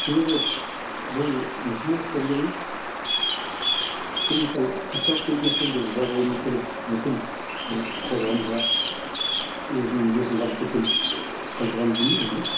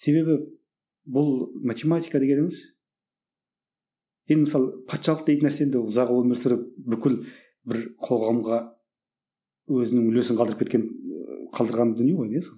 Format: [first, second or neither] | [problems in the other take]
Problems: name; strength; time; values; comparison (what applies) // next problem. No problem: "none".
second | background sound (Bird vocalization, bird call, bird song); 1 dB below the speech // room echo; dies away in 0.7 s